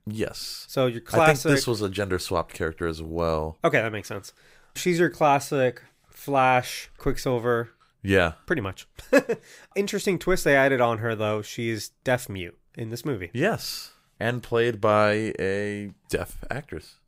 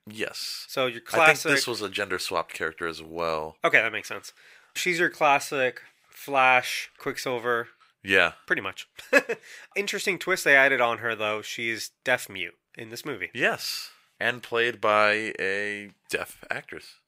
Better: first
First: none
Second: thin; somewhat; fading below 1 kHz

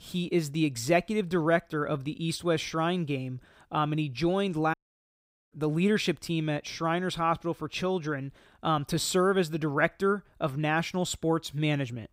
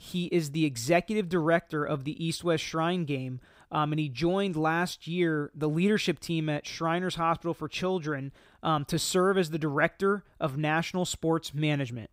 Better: second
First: audio cutting out; at 4.5 s for 1 s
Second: none

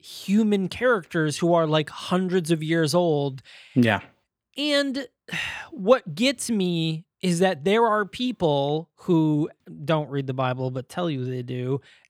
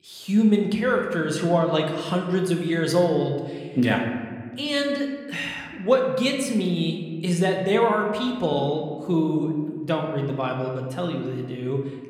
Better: first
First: none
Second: room echo; slight; dies away in 1.3 s

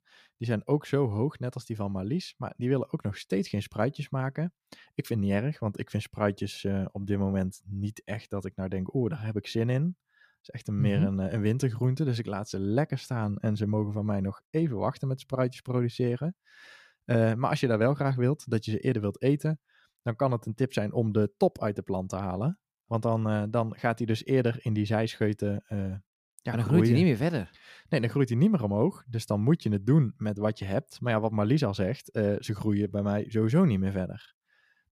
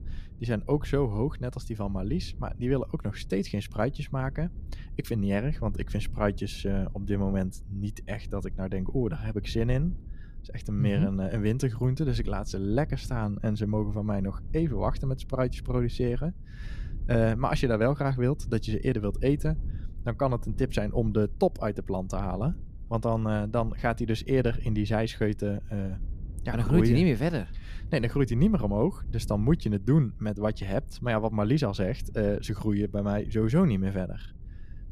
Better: first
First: none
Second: low rumble; faint; throughout; 25 dB below the speech

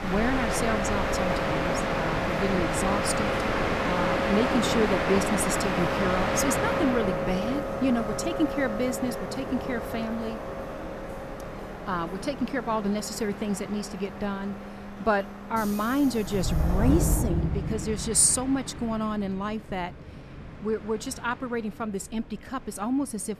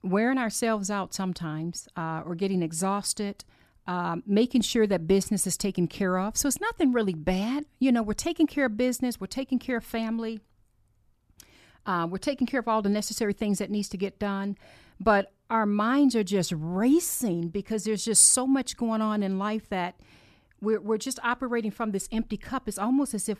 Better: second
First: train or aircraft noise; loud; throughout; 1 dB below the speech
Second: none

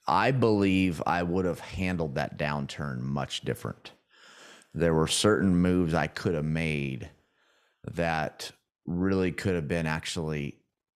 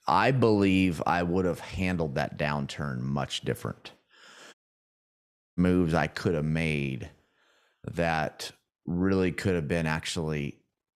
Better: first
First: none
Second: audio cutting out; at 4.5 s for 1 s

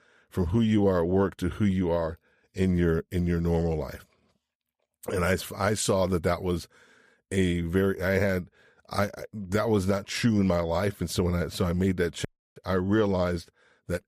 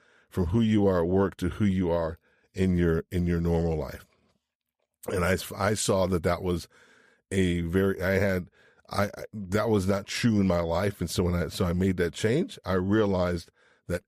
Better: second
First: audio cutting out; at 12 s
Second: none

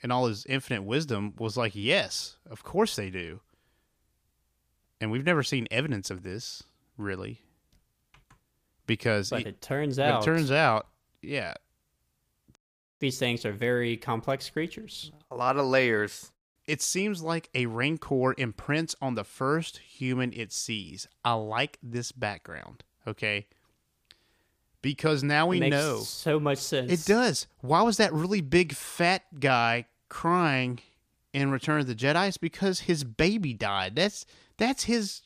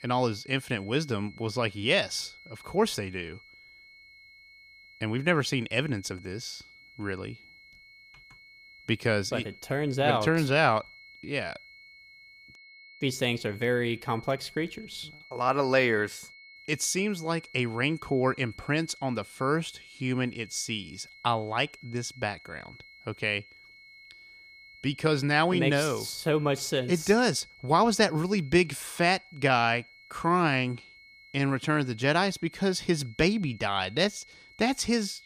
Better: first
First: none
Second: high-pitched whine; faint; throughout; 2 kHz, 20 dB below the speech

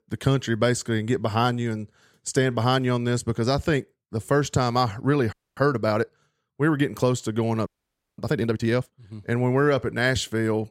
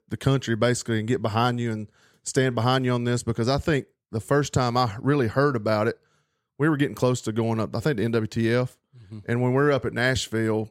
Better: second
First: audio freezing; at 5.5 s and at 7.5 s for 0.5 s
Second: none

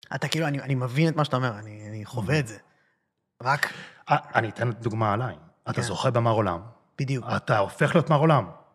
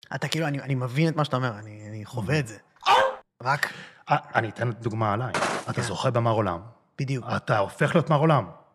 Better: first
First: none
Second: dog barking; loud; at 3 s; peak 6 dB above the speech // footsteps; noticeable; at 5.5 s; peak 1 dB below the speech

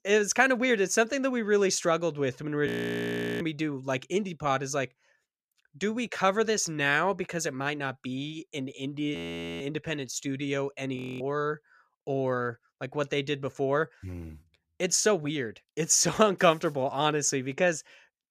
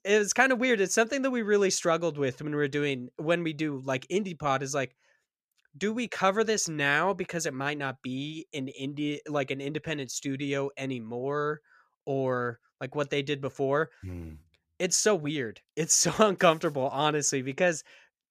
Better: second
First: audio freezing; at 2.5 s for 0.5 s, at 9 s and at 11 s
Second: none

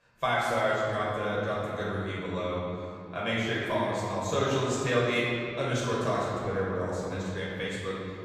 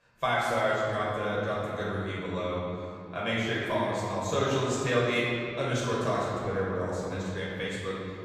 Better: neither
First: off-mic speech; far // room echo; strong; dies away in 2.4 s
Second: off-mic speech; far // room echo; strong; dies away in 2.4 s

